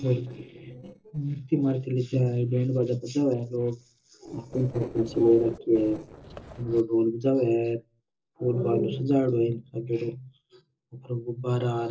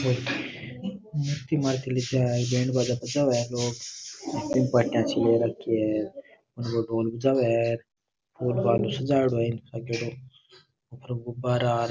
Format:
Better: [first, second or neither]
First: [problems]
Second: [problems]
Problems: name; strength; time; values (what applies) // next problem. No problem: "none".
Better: second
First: noise reduction (neural separator model SepFormer DNS4)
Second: none